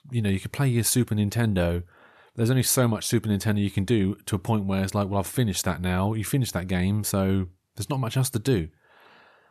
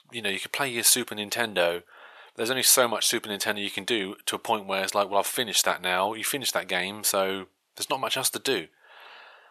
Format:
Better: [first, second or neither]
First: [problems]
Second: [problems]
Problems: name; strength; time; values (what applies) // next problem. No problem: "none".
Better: first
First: none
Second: thin; very; fading below 600 Hz